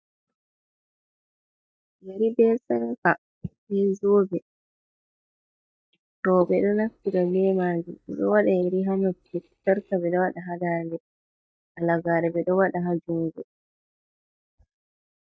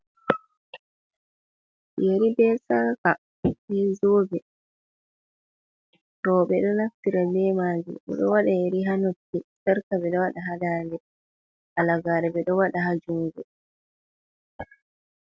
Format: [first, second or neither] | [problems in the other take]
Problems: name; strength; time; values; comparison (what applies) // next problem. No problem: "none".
second | noise reduction (neural mask model DeepFilterNet 3)